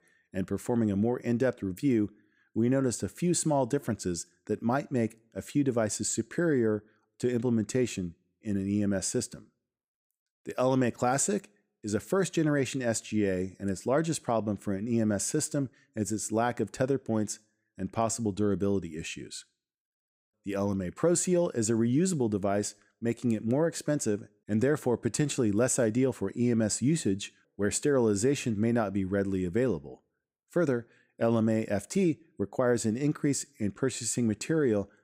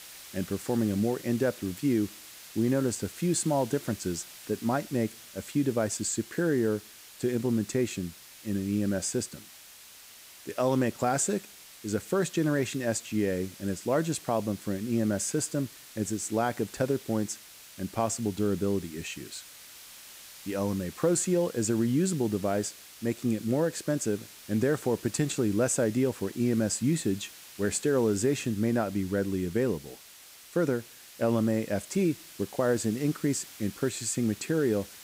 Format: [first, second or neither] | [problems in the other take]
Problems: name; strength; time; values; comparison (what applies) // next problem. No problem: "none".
first | hiss; noticeable; throughout; 15 dB below the speech